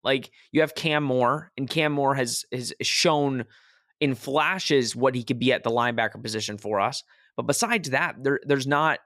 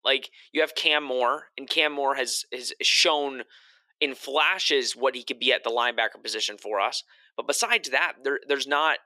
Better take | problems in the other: first | thin; somewhat; fading below 350 Hz

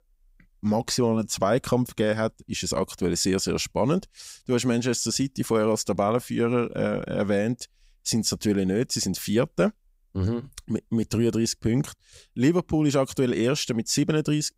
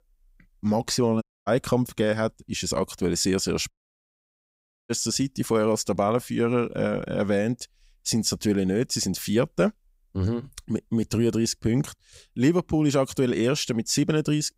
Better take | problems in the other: first | audio cutting out; at 1 s and at 3.5 s for 1 s

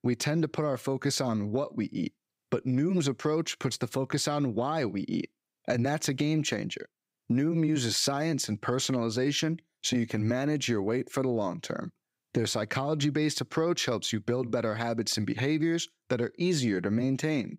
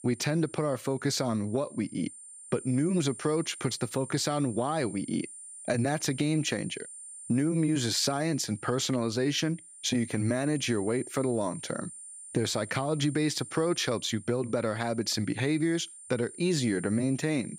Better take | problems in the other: first | high-pitched whine; noticeable; throughout; 9 kHz, 15 dB below the speech

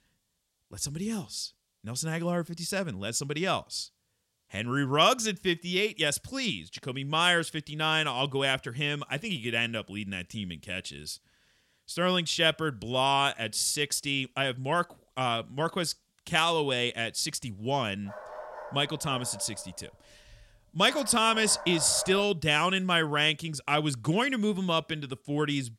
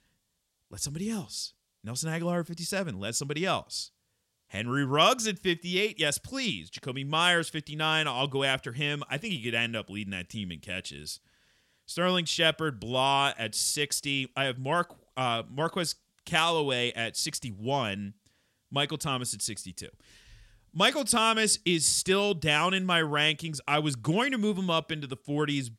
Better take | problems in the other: second | dog barking; faint; from 18 to 22 s; peak 10 dB below the speech

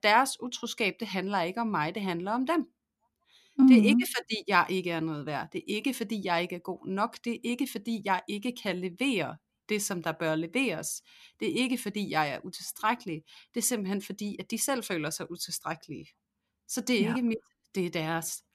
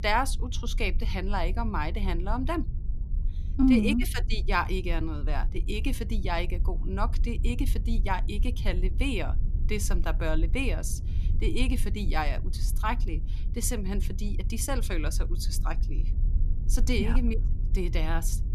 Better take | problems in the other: first | low rumble; noticeable; throughout; 15 dB below the speech

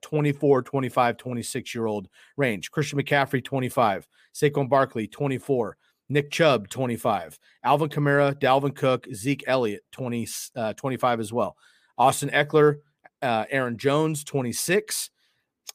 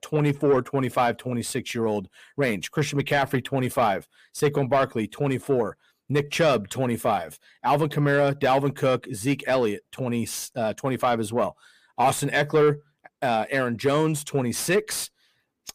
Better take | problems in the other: first | distortion; slight; 10 dB below the speech

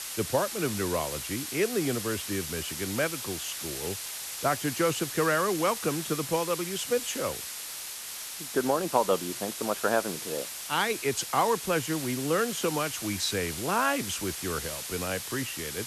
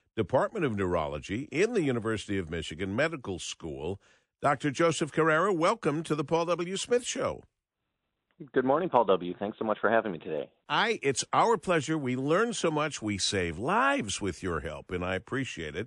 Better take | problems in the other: second | hiss; loud; throughout; 5 dB below the speech

